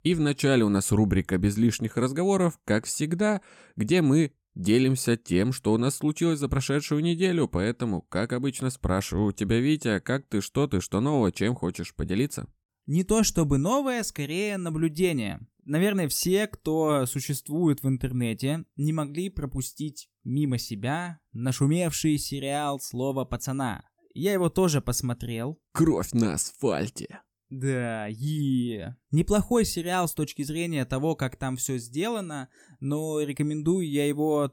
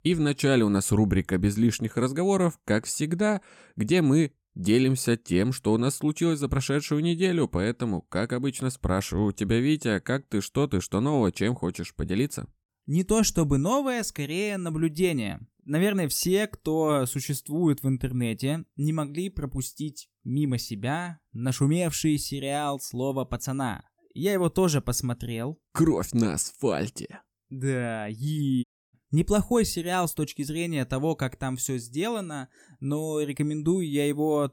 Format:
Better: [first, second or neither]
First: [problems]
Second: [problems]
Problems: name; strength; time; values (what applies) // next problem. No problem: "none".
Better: first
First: none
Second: audio cutting out; at 29 s